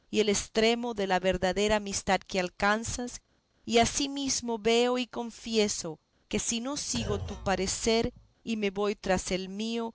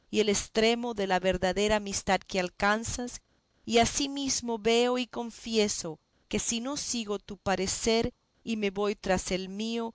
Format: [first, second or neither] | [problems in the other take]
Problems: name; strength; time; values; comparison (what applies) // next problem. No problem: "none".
second | background sound (Thump, thud); 12 dB below the speech